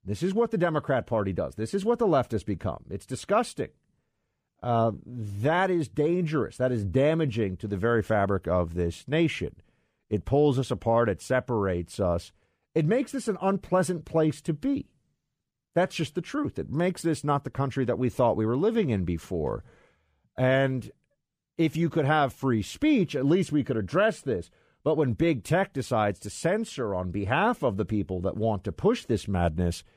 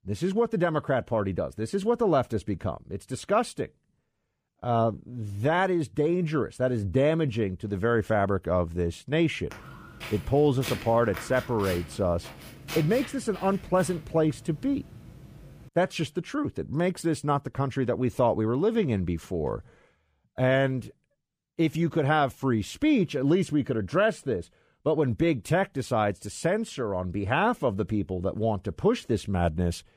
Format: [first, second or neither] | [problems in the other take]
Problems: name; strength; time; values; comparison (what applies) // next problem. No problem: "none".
first | footsteps; noticeable; from 9.5 to 16 s; peak 8 dB below the speech